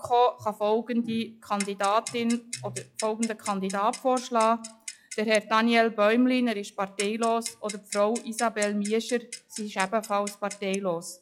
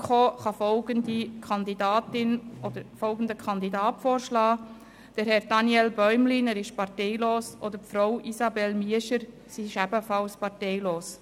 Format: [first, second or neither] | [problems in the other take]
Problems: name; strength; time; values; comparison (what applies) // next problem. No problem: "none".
second | noise reduction (classical method log-MMSE)